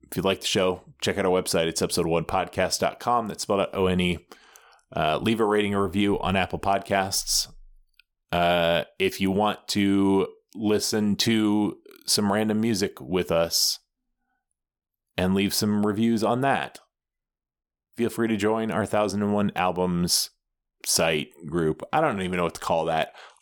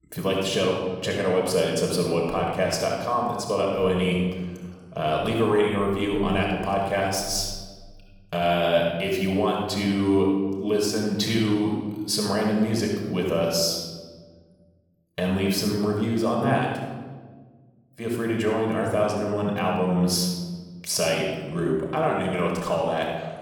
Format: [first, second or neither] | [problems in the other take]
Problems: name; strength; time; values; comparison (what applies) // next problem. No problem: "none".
first | off-mic speech; somewhat distant // room echo; noticeable; dies away in 1.4 s